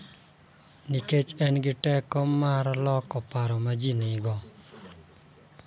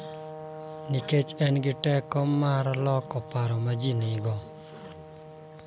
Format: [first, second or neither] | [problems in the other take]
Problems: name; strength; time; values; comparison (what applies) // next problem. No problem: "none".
first | background sound (Brass instrument); 14 dB below the speech